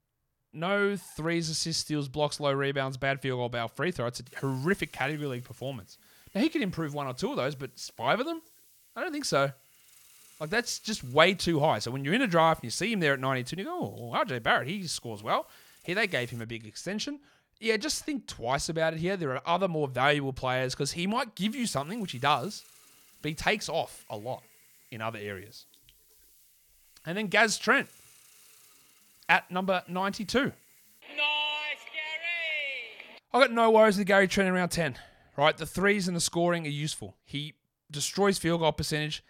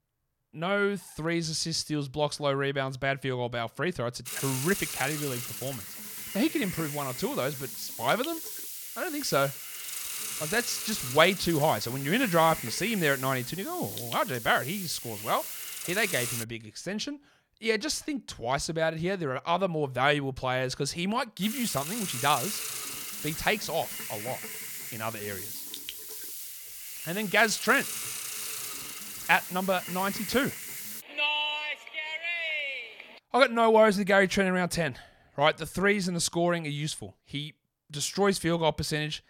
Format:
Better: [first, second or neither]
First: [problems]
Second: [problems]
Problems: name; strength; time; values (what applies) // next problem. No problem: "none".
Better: first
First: hiss; faint; from 4.5 to 16 s and from 21 to 31 s; 25 dB below the speech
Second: hiss; loud; from 4.5 to 16 s and from 21 to 31 s; 7 dB below the speech